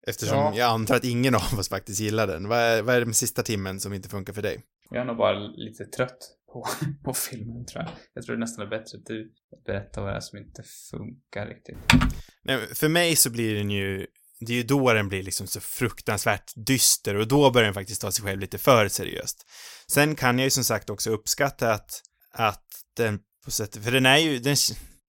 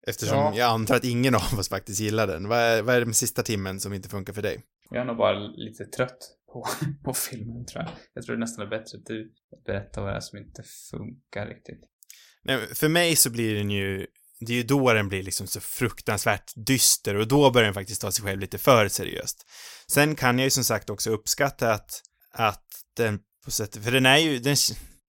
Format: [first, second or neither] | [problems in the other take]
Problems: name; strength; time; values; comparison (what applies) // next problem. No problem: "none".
second | keyboard typing; loud; at 12 s; peak 4 dB above the speech